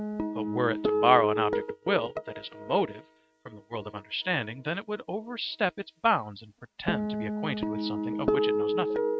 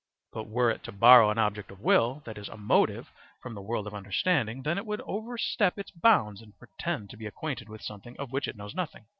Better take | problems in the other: second | noise reduction (neural mask model RNNoise)

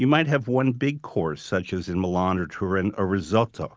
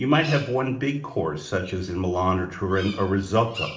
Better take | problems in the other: first | background sound (Bird vocalization, bird call, bird song); 17 dB below the speech // room echo; dies away in 0.8 s

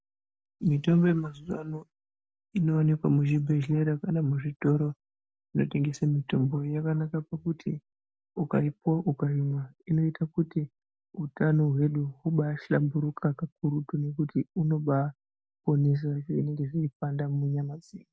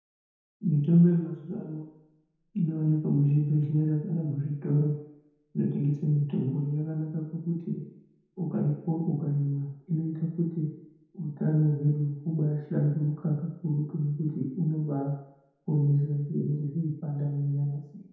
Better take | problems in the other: first | room echo; dies away in 0.9 s

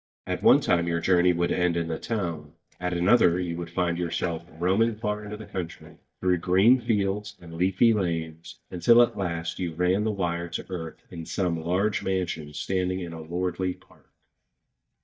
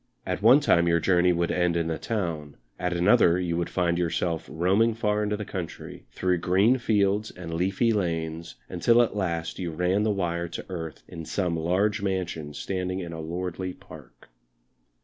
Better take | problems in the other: second | noise reduction (neural mask model DeepFilterNet 3)

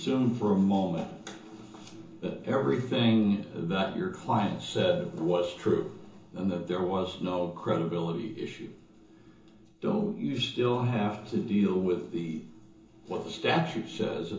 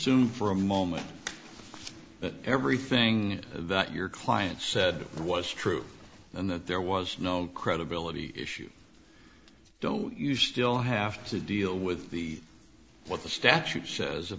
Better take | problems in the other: second | room echo; dies away in 0.6 s

